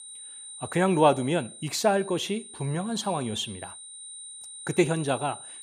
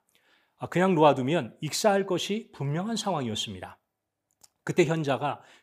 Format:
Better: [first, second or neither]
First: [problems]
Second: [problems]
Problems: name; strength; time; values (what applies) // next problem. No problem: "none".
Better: second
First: high-pitched whine; noticeable; throughout; 9 kHz, 15 dB below the speech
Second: none